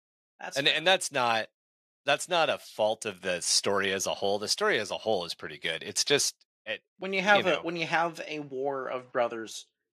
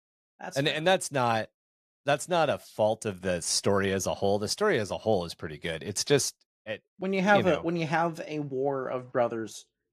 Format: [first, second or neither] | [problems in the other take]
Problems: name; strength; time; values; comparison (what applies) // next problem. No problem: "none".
second | thin; very slightly; fading below 800 Hz